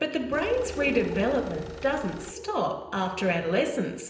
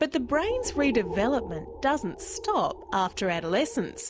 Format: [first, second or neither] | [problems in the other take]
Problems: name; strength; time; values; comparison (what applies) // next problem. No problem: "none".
second | background sound (Engine); 17 dB below the speech // room echo; dies away in 0.9 s